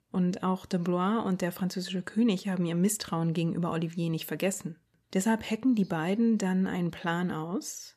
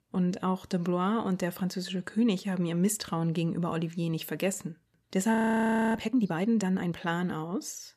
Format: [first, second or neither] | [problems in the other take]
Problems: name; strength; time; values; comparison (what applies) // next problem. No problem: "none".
first | audio freezing; at 5.5 s for 0.5 s